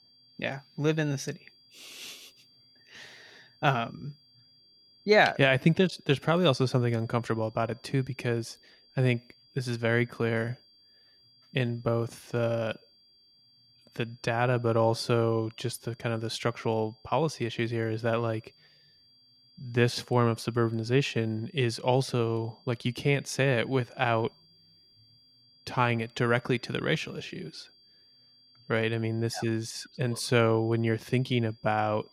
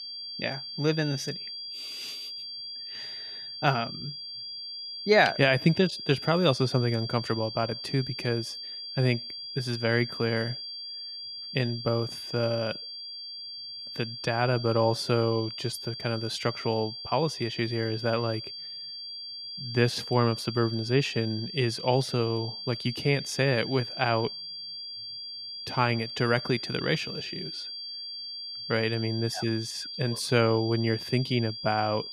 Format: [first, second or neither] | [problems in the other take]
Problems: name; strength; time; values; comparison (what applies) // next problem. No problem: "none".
first | high-pitched whine; loud; throughout; 4.5 kHz, 8 dB below the speech; faint in the first